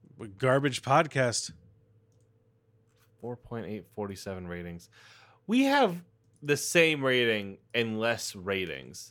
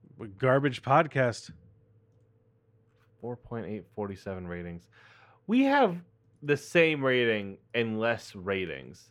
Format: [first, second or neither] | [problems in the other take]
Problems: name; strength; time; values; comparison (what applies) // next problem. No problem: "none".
first | muffled; slightly; fading above 4 kHz